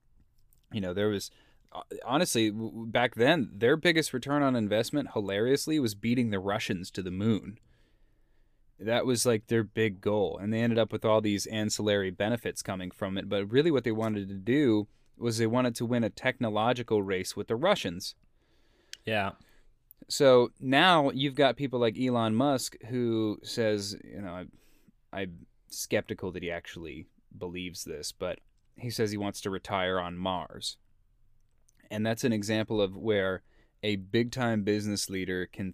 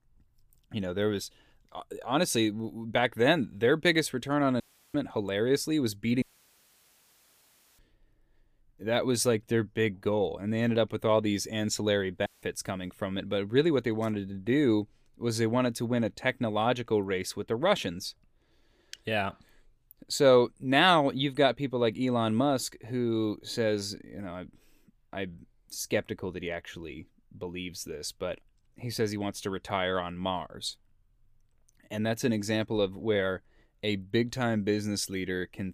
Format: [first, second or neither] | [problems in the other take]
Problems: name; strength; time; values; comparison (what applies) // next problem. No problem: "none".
first | audio cutting out; at 4.5 s, at 6 s for 1.5 s and at 12 s